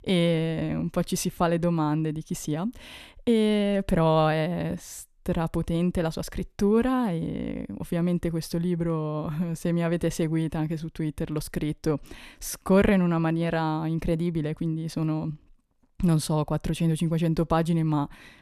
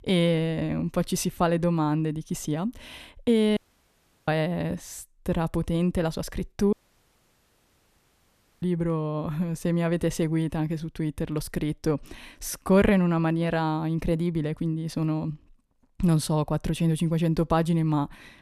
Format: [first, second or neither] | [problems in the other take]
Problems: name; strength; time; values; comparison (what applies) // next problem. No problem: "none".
first | audio cutting out; at 3.5 s for 0.5 s and at 6.5 s for 2 s